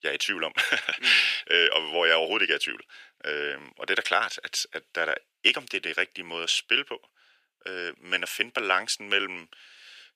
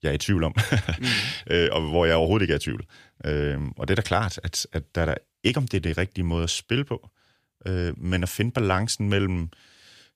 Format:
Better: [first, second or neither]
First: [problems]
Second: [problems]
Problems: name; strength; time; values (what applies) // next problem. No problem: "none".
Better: second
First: thin; very; fading below 400 Hz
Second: none